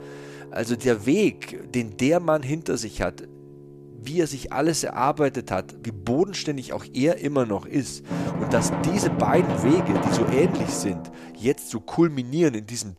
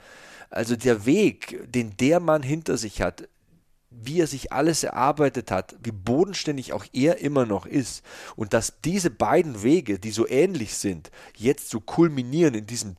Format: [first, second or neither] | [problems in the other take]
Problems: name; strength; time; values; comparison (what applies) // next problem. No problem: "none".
second | background music; loud; throughout; 2 dB below the speech